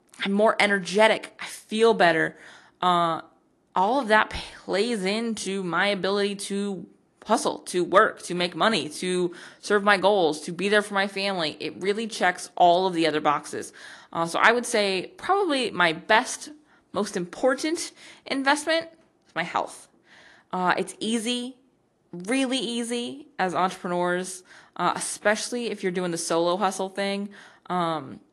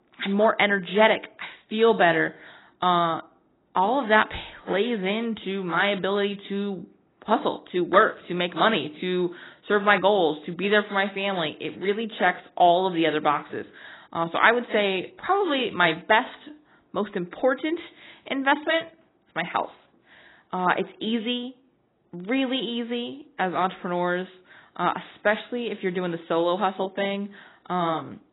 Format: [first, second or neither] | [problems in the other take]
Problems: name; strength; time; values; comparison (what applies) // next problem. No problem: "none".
first | garbled, watery; badly; nothing above 4 kHz; slightly in the first